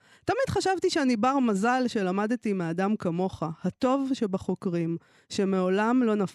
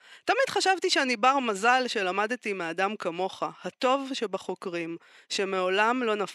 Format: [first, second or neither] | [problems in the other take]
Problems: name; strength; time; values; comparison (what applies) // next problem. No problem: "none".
first | thin; somewhat; fading below 450 Hz